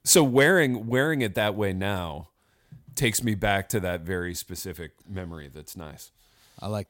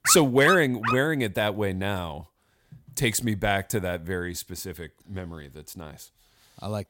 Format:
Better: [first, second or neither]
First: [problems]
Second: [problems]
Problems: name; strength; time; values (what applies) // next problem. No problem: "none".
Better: first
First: none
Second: dog barking; noticeable; at the start; peak 2 dB below the speech